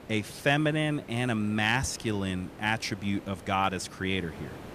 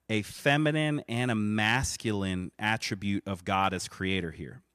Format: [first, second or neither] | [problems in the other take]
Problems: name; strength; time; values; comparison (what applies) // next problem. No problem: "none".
second | hiss; noticeable; throughout; 20 dB below the speech